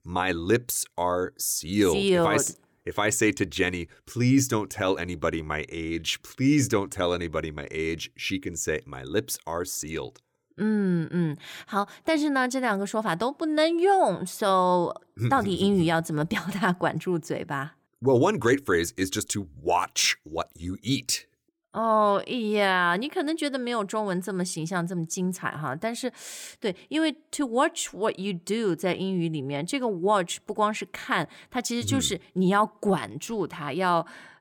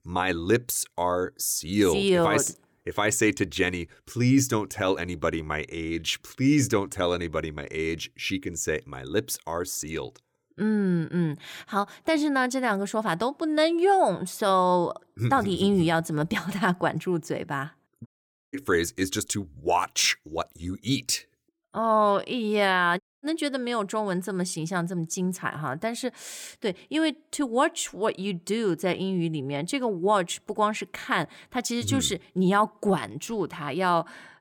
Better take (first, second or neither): first